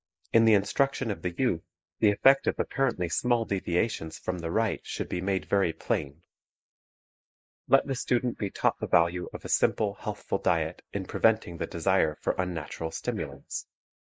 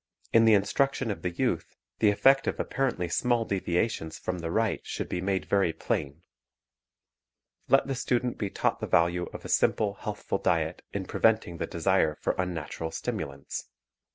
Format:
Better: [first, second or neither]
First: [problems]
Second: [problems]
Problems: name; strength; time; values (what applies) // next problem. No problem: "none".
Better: second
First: noise reduction (neural mask model Resemble Enhance denoiser)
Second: none